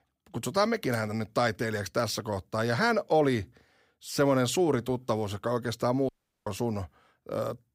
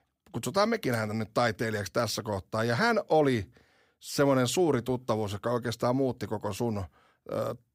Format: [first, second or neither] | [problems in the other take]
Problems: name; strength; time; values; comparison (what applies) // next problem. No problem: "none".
second | audio cutting out; at 6 s